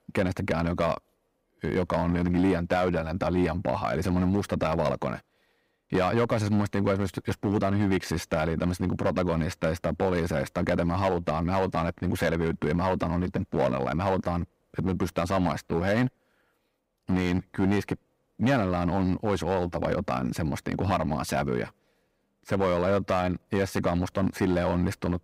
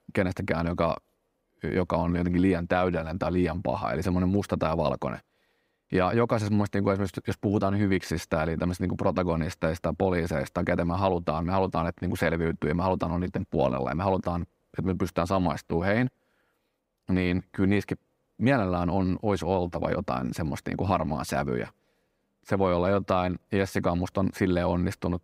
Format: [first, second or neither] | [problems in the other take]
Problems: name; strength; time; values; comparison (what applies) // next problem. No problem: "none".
second | distortion; slight; 4% of the sound clipped